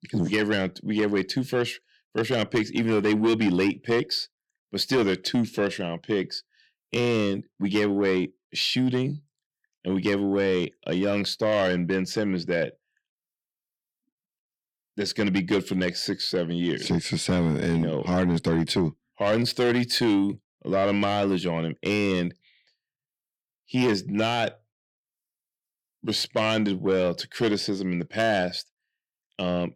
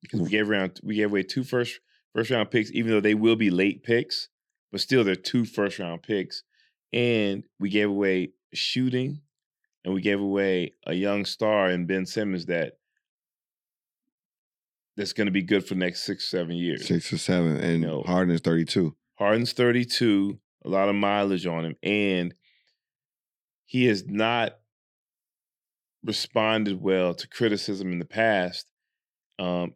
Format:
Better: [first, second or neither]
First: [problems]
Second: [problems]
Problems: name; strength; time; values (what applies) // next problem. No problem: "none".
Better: second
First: distortion; slight; 10 dB below the speech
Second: none